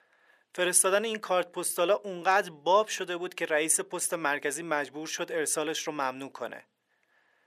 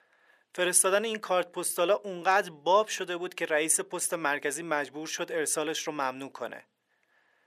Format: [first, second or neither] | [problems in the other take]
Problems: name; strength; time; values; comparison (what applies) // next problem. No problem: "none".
neither | thin; very; fading below 550 Hz; the same in both